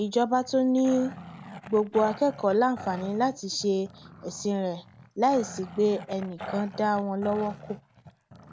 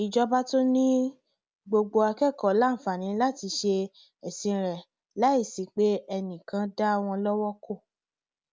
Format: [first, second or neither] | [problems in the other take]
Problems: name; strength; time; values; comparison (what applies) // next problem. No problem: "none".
second | background sound (Growling); 16 dB below the speech